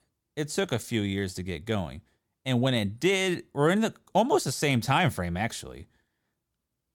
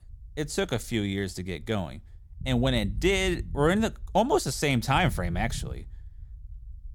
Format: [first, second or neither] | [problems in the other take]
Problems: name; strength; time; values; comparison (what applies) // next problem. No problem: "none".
first | low rumble; faint; throughout; 25 dB below the speech